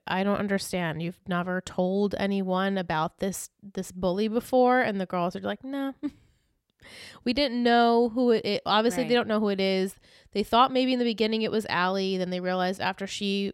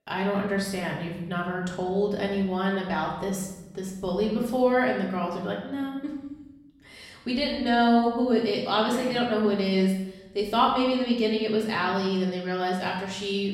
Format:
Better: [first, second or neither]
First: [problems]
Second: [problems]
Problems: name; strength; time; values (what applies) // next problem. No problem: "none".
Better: first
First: none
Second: room echo; noticeable; dies away in 1 s // off-mic speech; far